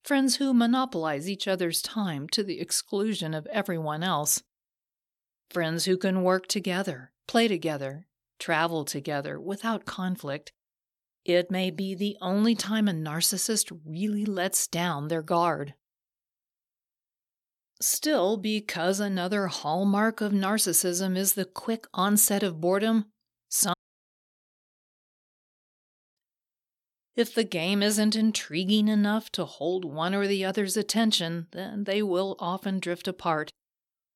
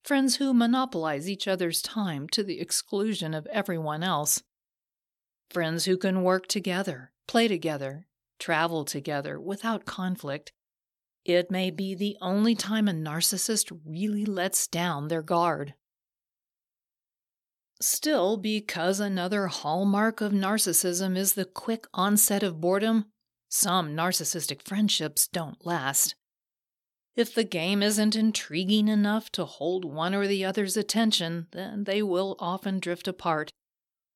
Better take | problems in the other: second | audio cutting out; at 24 s for 2.5 s

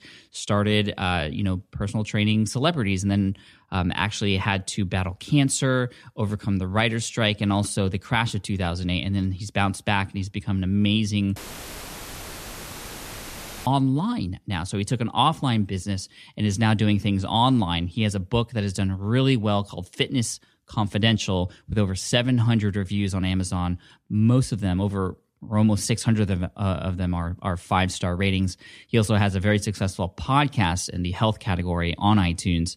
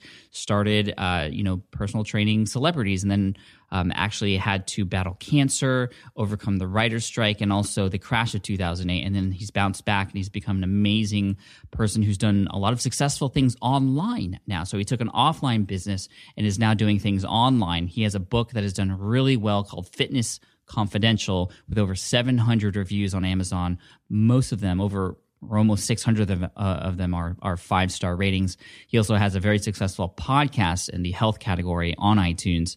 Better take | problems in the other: second | audio cutting out; filled with static; at 11 s for 2.5 s

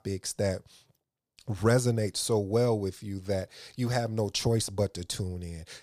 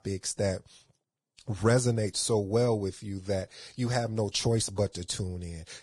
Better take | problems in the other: first | garbled, watery; badly; nothing above 10 kHz

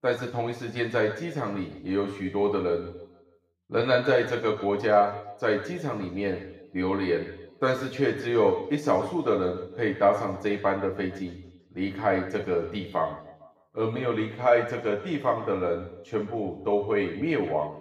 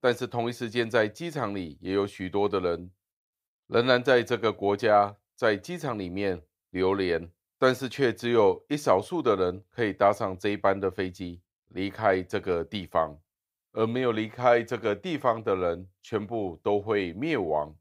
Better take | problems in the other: second | room echo; noticeable; dies away in 0.9 s // off-mic speech; far

